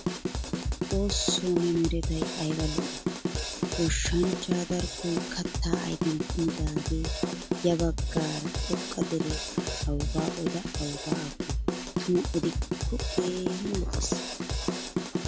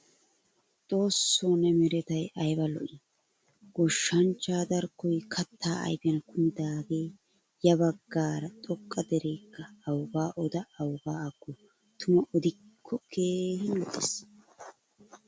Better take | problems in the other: second | background sound (Drum kit); 1 dB above the speech

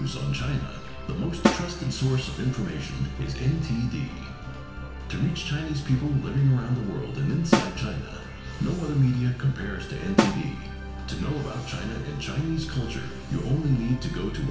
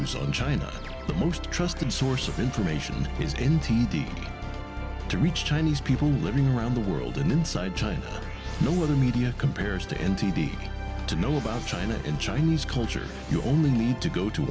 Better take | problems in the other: second | background sound (Snare drum); 3 dB below the speech // room echo; dies away in 0.7 s

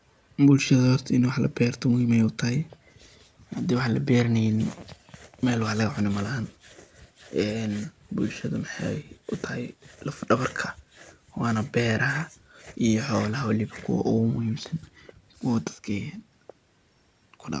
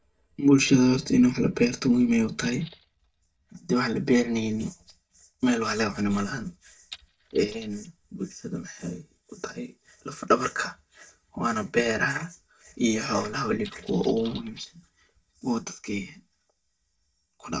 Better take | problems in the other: first | noise reduction (neural mask model DeepFilterNet 3)

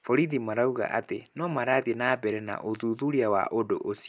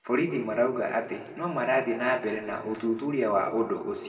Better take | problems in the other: first | room echo; dies away in 1.6 s

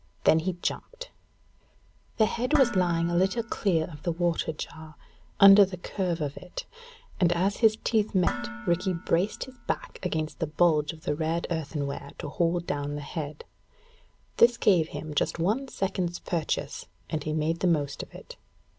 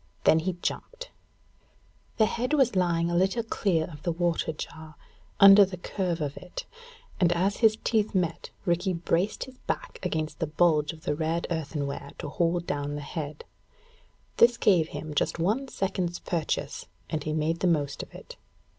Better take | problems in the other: second | background sound (Dishes, pots, and pans); 12 dB below the speech

